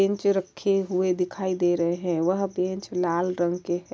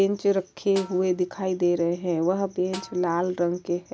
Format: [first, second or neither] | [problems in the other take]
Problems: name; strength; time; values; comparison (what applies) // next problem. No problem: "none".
first | background sound (Snare drum); 19 dB below the speech